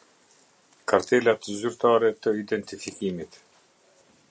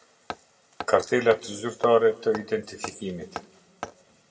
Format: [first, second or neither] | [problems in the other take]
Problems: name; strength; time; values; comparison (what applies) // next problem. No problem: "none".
first | background sound (Hammer); 15 dB below the speech // room echo; dies away in 0.9 s